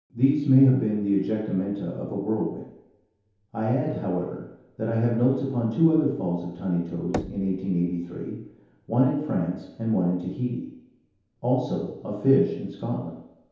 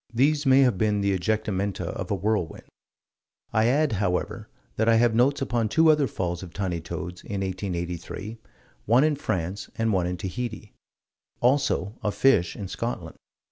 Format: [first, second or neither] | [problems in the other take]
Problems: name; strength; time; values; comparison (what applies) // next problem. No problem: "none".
second | background sound (Knock / Wood); 14 dB below the speech // room echo; dies away in 0.8 s